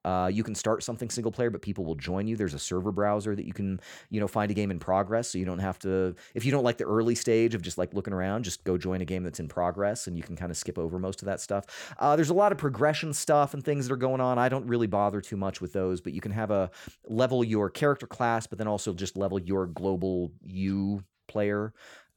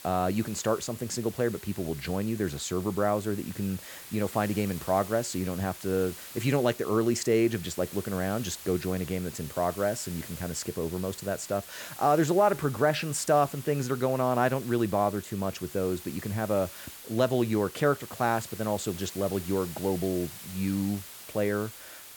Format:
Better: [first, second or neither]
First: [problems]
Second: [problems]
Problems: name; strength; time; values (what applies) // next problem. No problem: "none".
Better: first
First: none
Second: hiss; noticeable; throughout; 15 dB below the speech